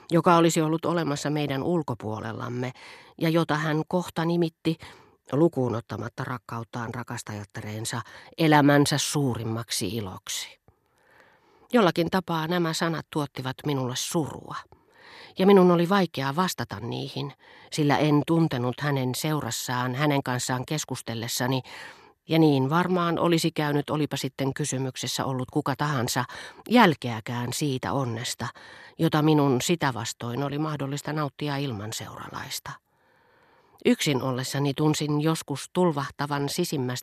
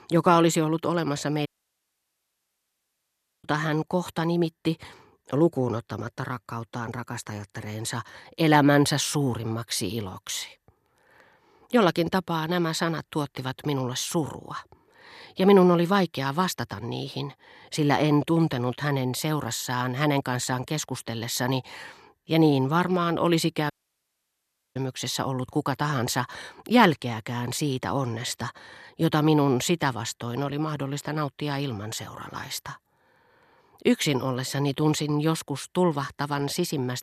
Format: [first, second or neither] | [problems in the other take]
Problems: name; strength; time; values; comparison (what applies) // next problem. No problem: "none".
first | audio cutting out; at 1.5 s for 2 s and at 24 s for 1 s